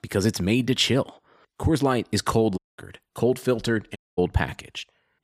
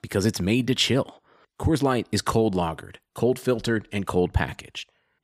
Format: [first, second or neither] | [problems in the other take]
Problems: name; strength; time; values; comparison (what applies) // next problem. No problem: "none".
second | audio cutting out; at 2.5 s and at 4 s